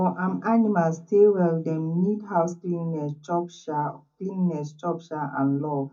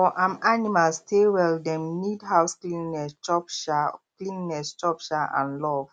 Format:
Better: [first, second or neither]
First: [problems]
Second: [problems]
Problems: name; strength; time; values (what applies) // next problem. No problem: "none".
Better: second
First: room echo; dies away in 0.3 s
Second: none